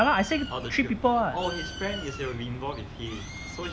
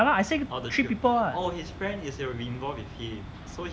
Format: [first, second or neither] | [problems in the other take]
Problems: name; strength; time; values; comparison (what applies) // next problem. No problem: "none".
second | background sound (Bird); 13 dB below the speech